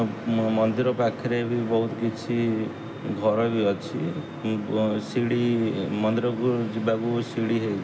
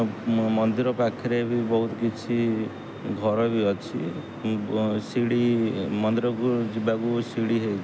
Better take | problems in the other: second | room echo; dies away in 1.6 s

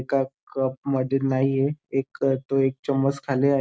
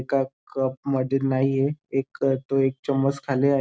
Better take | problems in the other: second | noise reduction (neural mask model Resemble Enhance denoiser)

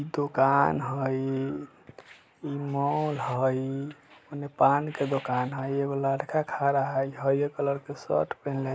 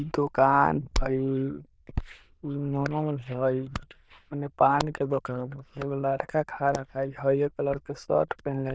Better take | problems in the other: first | noise reduction (neural diffusion model UNIVERSE++)

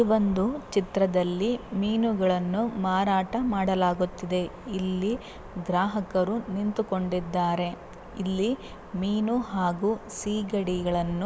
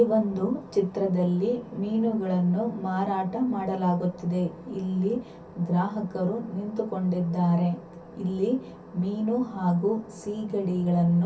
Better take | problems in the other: first | room echo; dies away in 0.3 s

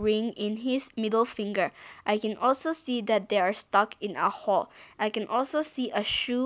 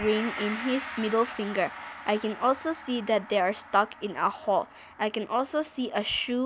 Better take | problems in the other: first | background sound (Gong); 13 dB below the speech

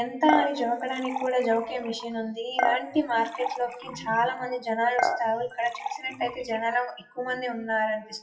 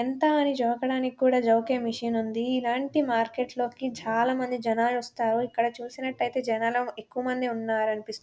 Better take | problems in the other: second | noise reduction (classical method WPE with log-MMSE)

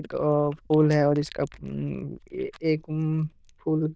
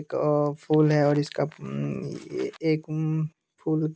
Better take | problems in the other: second | noise reduction (neural diffusion model UNIVERSE++)

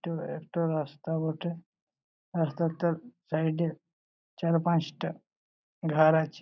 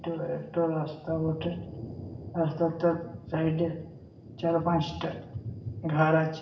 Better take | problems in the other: first | background sound (Thunder); 13 dB below the speech // room echo; dies away in 0.7 s

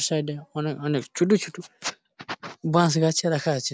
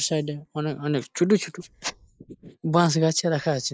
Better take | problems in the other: first | noise reduction (neural mask model Resemble Enhance denoiser)

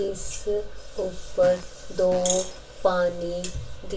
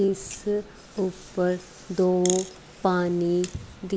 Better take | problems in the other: second | background sound (Fart); 17 dB below the speech // room echo; dies away in 0.2 s

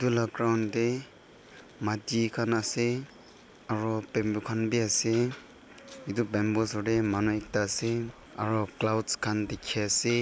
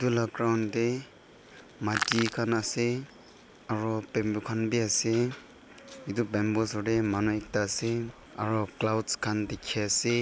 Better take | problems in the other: first | background sound (Crushing); 4 dB below the speech

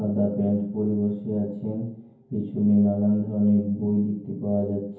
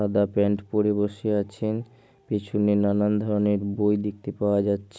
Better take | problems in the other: second | room echo; dies away in 0.9 s

